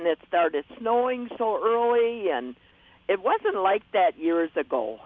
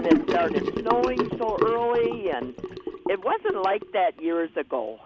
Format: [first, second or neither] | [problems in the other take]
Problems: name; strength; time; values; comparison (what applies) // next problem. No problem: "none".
first | background sound (Sink (filling or washing) / Gurgling); 2 dB below the speech